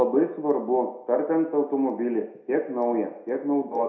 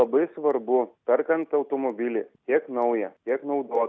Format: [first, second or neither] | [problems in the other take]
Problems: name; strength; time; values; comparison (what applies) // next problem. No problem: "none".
second | room echo; dies away in 0.6 s